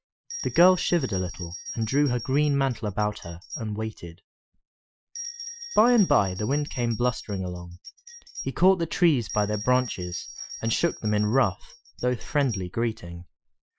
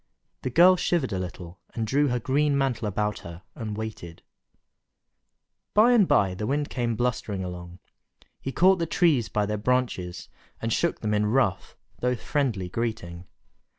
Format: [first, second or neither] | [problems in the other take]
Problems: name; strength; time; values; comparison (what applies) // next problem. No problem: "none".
second | noise reduction (classical method Wiener filter)